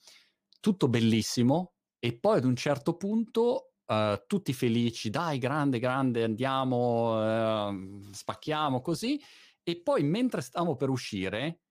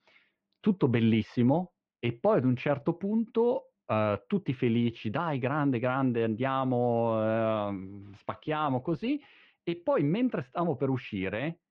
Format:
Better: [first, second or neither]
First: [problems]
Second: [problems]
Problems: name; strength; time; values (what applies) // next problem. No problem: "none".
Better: first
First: none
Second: muffled; very; fading above 2.5 kHz